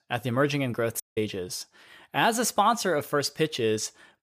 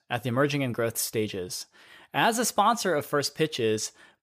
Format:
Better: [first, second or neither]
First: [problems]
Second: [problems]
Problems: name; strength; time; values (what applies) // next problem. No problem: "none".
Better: second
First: audio cutting out; at 1 s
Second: none